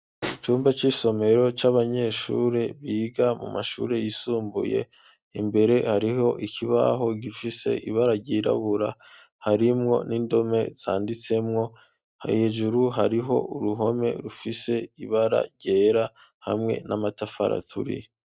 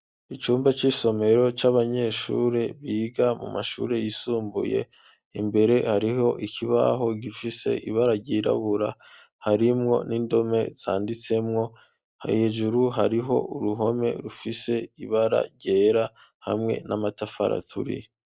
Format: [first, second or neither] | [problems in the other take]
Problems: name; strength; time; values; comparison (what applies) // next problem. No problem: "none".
second | noise reduction (neural mask model RNNoise)